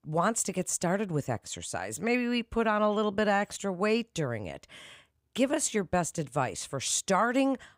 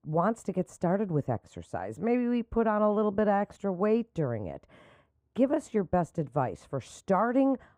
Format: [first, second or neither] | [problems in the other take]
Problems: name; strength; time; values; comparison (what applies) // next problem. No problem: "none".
first | muffled; very; fading above 2 kHz